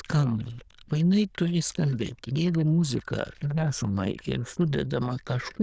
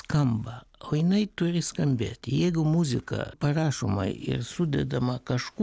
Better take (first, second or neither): second